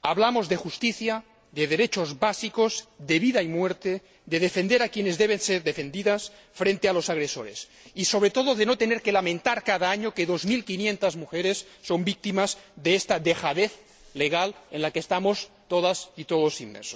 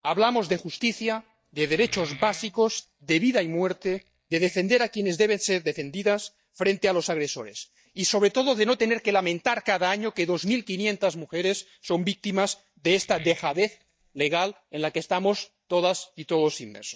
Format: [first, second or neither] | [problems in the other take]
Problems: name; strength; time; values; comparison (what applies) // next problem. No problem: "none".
first | noise reduction (neural mask model DeepFilterNet 3)